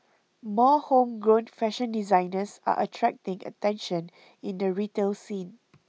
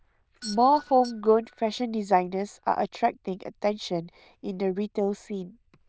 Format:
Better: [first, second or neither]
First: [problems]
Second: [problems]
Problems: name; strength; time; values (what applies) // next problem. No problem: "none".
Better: first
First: none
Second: noise reduction (neural diffusion model UNIVERSE++)